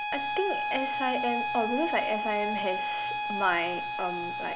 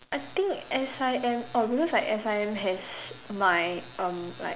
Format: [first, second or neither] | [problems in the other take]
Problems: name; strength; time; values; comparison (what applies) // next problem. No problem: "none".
second | background sound (Bowed string instrument); as loud as the speech